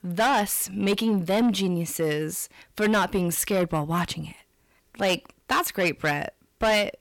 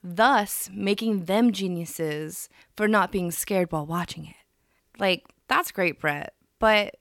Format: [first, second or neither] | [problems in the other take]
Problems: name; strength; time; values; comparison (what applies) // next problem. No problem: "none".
second | distortion; heavy; 7 dB below the speech